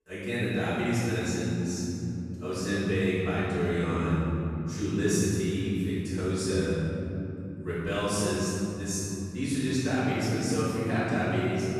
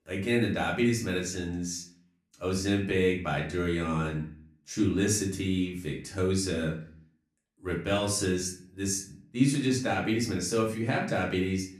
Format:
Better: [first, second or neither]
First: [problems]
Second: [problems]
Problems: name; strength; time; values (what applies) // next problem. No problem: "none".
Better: second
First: room echo; strong; dies away in 3 s // off-mic speech; far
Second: room echo; slight; dies away in 0.4 s // off-mic speech; far